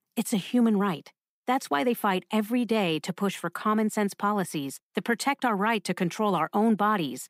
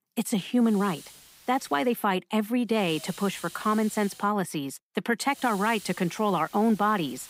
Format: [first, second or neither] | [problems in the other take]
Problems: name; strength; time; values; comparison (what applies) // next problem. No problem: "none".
first | hiss; noticeable; from 0.5 to 2 s, from 3 to 4 s and from 5.5 s on; 20 dB below the speech